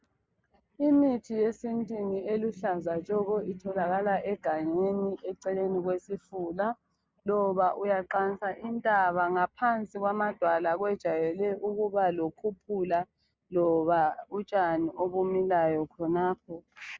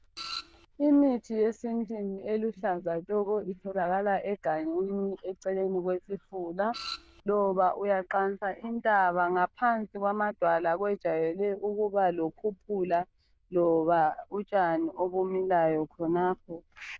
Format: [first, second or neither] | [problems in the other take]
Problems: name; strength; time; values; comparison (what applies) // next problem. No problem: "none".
first | noise reduction (neural diffusion model UNIVERSE++)